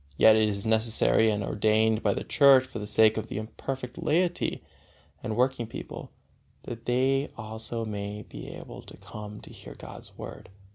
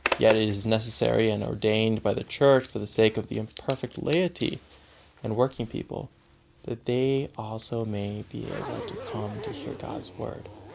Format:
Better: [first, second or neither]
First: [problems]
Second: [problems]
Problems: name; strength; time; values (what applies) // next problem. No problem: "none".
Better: first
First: none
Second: background sound (Zipper (clothing)); 13 dB below the speech